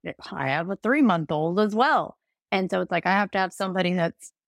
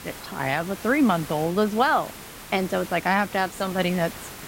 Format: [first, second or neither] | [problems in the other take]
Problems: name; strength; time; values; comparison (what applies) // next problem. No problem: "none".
first | hiss; noticeable; throughout; 15 dB below the speech